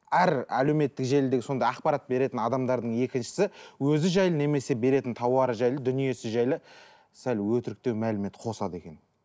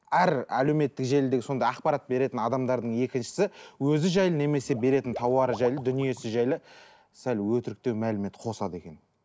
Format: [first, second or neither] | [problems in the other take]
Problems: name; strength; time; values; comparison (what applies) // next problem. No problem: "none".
first | background sound (Water / Liquid); 17 dB below the speech